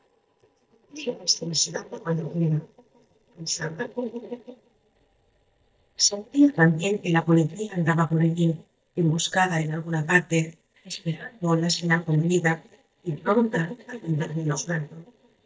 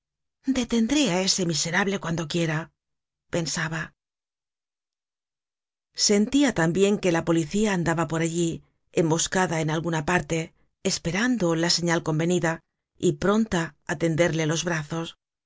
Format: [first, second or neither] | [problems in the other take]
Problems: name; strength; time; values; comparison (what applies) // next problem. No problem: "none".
second | noise reduction (neural mask model DeepFilterNet 3)